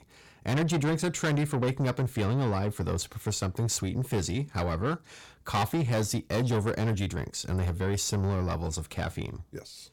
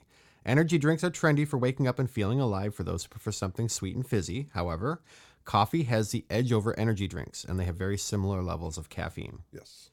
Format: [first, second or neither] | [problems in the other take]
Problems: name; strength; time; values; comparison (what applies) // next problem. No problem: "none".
second | distortion; heavy; 8 dB below the speech